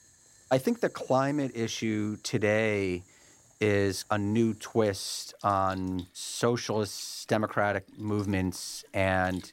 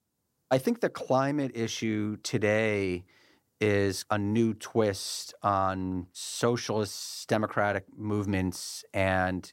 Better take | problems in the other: second | household noises; faint; throughout; 25 dB below the speech

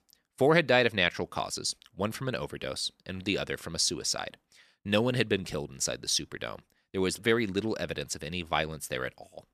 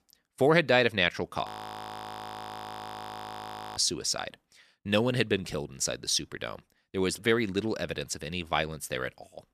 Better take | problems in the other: first | audio freezing; at 1.5 s for 2.5 s

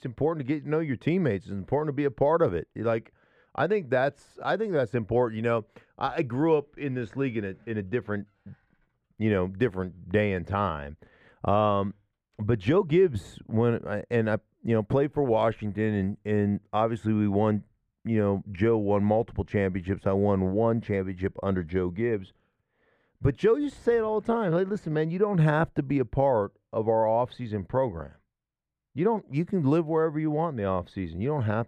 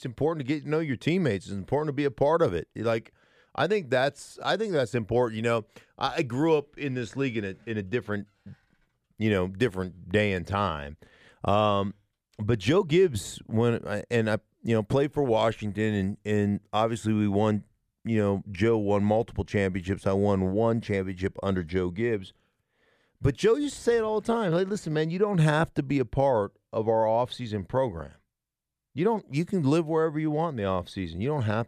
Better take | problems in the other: second | muffled; slightly; fading above 3 kHz

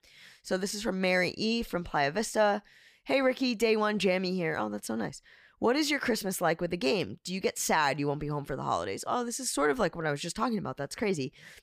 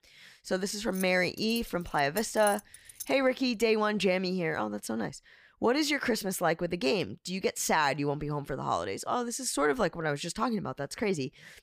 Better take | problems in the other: first | jangling keys; noticeable; from 1 to 3 s; peak 8 dB below the speech

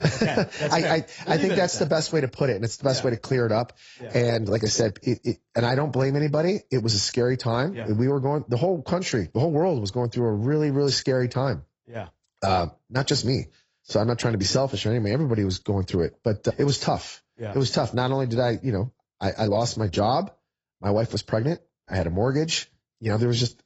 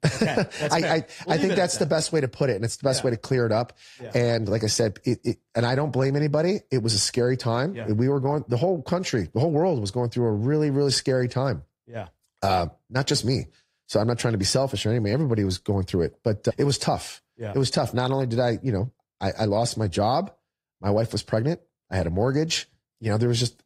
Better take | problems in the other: second | garbled, watery; badly; nothing above 7.5 kHz; slightly in the second

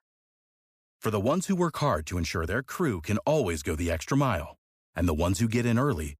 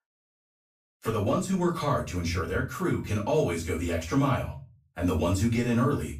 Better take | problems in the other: first | off-mic speech; far // room echo; slight; dies away in 0.3 s

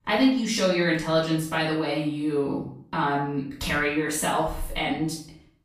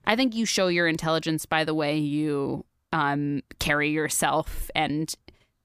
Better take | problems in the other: second | off-mic speech; far // room echo; noticeable; dies away in 0.5 s

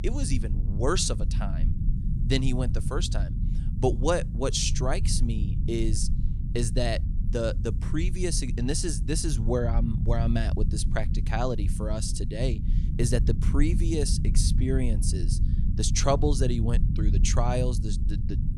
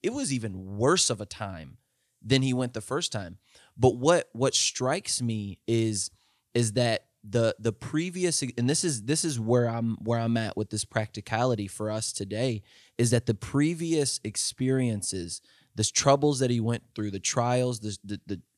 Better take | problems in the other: second | low rumble; noticeable; throughout; 10 dB below the speech

